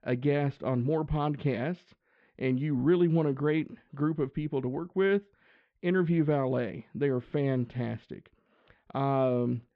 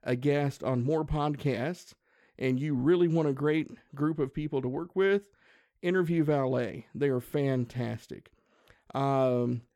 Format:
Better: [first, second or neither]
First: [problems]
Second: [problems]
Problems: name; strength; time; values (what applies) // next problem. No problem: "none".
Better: second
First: muffled; slightly; fading above 3.5 kHz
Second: none